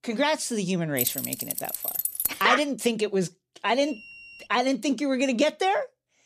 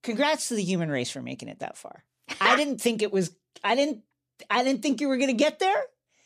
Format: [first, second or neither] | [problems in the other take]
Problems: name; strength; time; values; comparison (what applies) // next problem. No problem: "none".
second | jangling keys; noticeable; from 1 to 2.5 s; peak level with the speech // alarm; faint; at 4 s; peak 15 dB below the speech